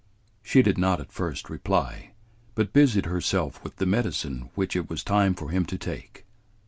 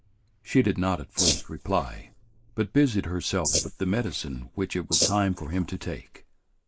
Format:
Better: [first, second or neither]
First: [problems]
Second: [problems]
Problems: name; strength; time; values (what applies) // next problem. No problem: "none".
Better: first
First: none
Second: noise reduction (neural mask model Resemble Enhance denoiser)